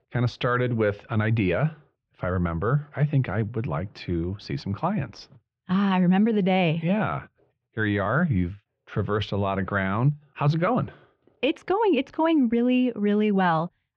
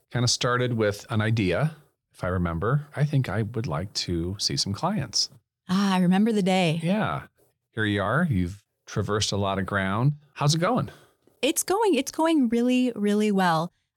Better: second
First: muffled; very; fading above 2.5 kHz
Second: none

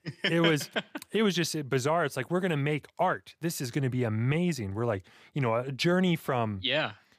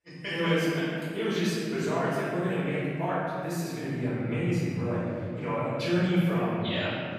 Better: first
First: none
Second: room echo; strong; dies away in 2.5 s // off-mic speech; far

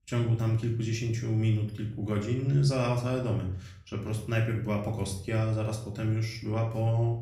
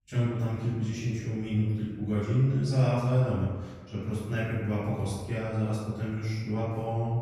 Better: first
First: room echo; slight; dies away in 0.4 s // off-mic speech; far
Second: room echo; strong; dies away in 1.2 s // off-mic speech; far

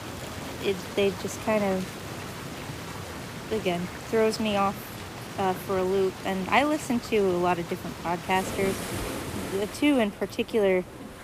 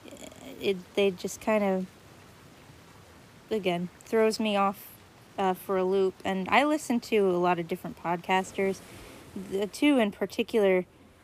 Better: second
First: rain or running water; loud; throughout; 10 dB below the speech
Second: rain or running water; faint; throughout; 25 dB below the speech

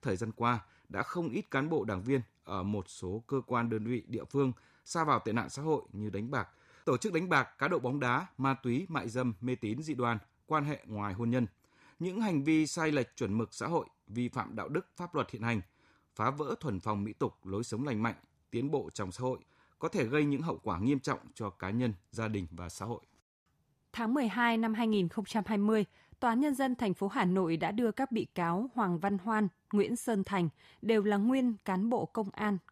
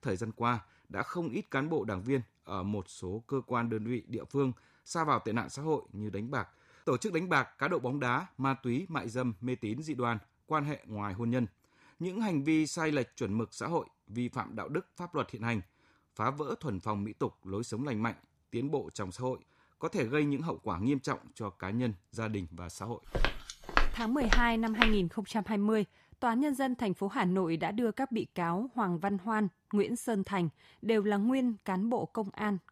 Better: first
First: none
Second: footsteps; loud; from 23 to 25 s; peak 4 dB above the speech

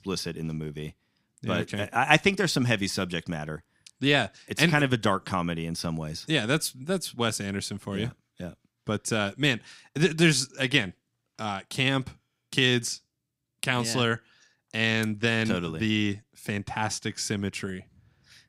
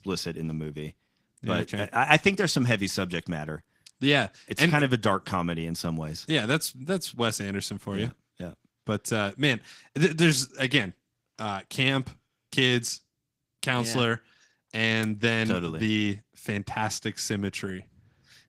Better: first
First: none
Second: garbled, watery; slightly; nothing above 15.5 kHz

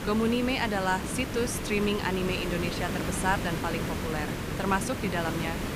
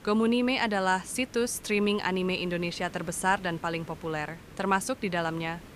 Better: second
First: hiss; loud; throughout; 3 dB below the speech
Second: hiss; faint; throughout; 20 dB below the speech

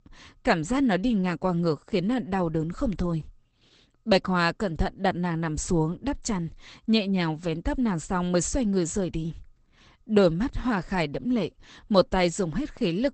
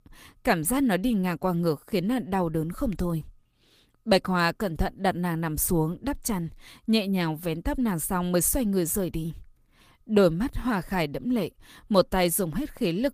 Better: second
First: garbled, watery; badly; nothing above 8 kHz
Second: garbled, watery; slightly; nothing above 15 kHz

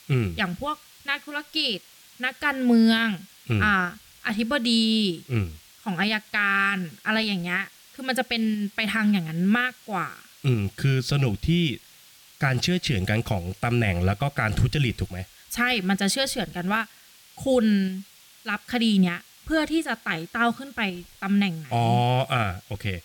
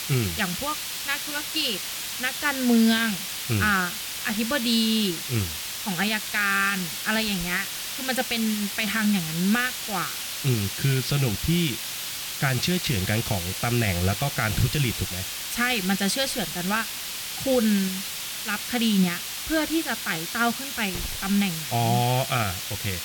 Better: first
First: hiss; faint; throughout; 25 dB below the speech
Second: hiss; loud; throughout; 4 dB below the speech

